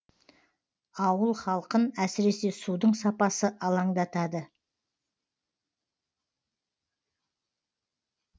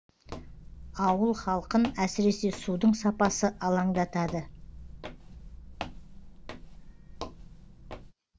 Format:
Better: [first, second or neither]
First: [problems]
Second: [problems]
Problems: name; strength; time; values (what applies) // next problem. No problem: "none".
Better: first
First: none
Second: background sound (Walk, footsteps); 13 dB below the speech